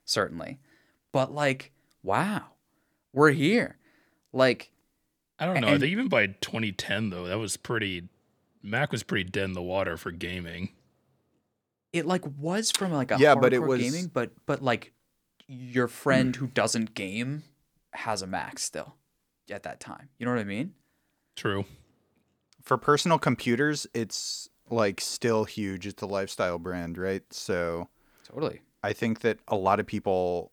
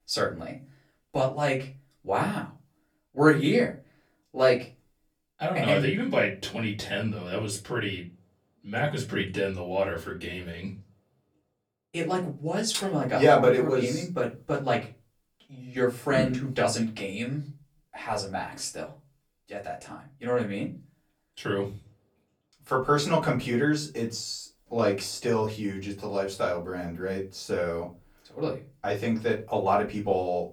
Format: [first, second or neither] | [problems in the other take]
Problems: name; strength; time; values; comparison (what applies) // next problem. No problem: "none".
first | off-mic speech; far // room echo; very slight; dies away in 0.2 s